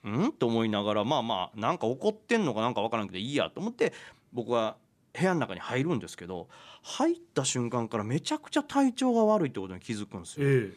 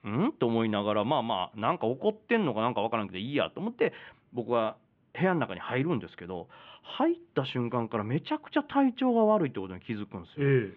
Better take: first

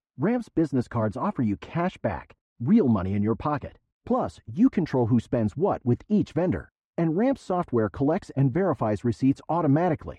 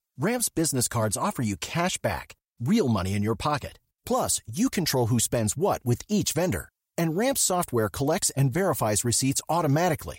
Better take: second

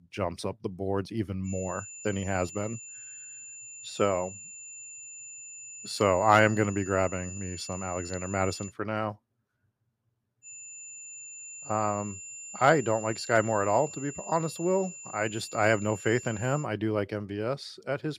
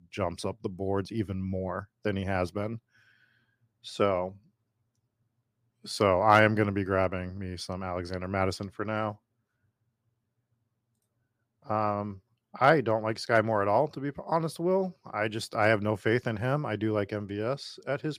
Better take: second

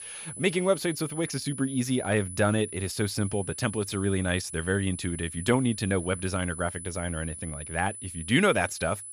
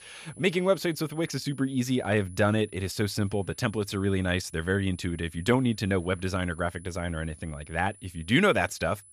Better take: second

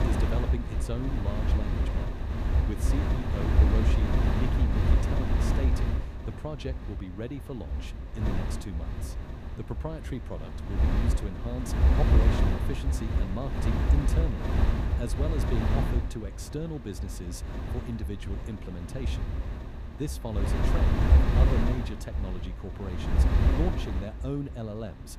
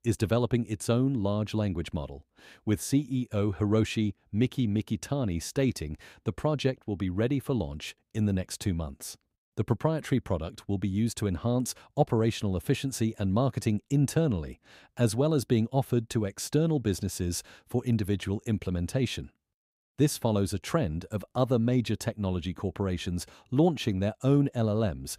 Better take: second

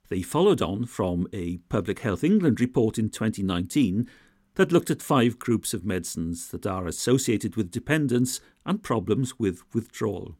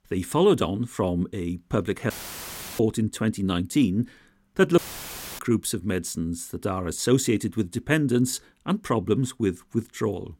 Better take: first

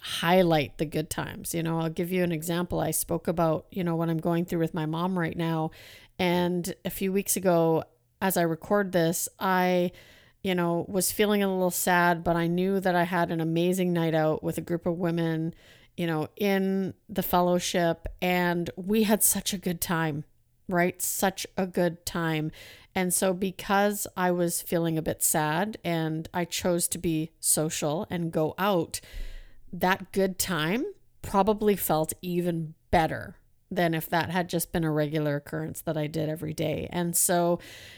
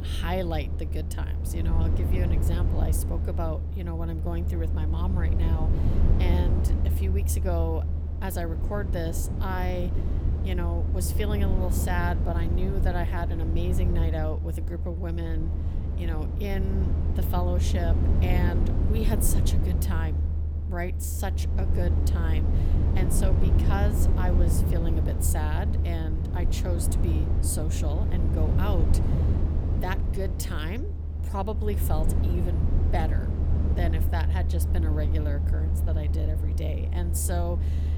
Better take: first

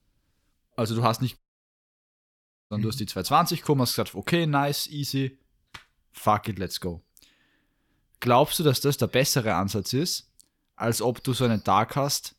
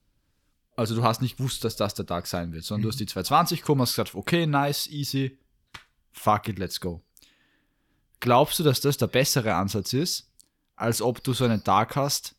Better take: second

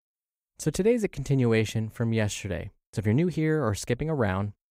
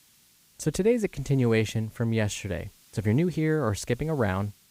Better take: first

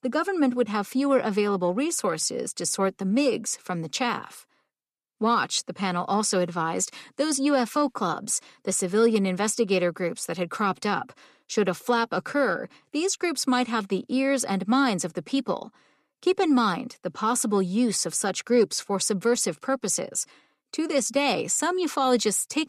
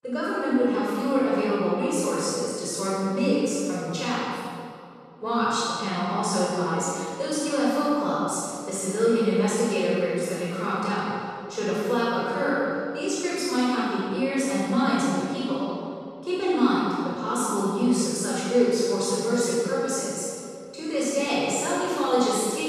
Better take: first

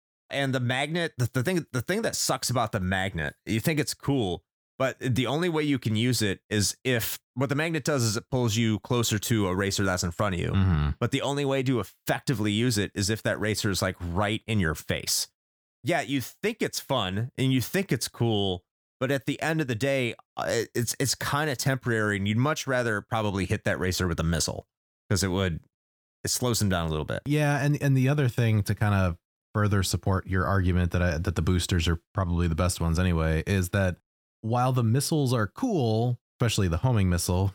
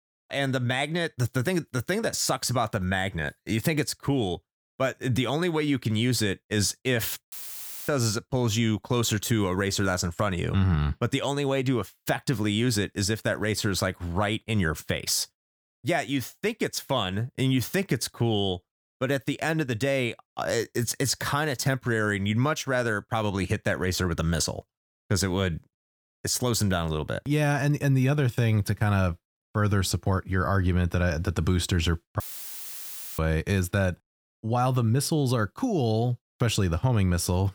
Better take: first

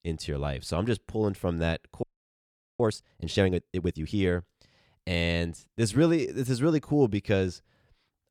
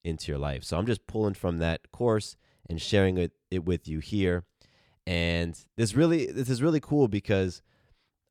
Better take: second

